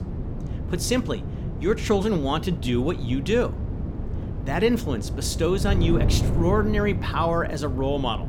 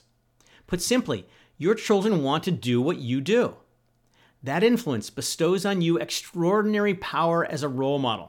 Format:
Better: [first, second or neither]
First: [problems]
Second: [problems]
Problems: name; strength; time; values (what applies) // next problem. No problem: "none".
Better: second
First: wind noise on the microphone; occasional gusts; 10 dB below the speech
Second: none